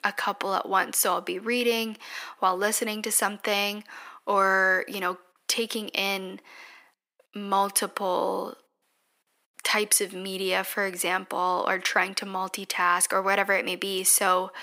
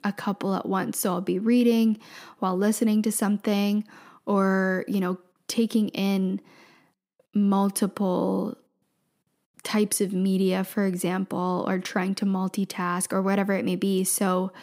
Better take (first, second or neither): second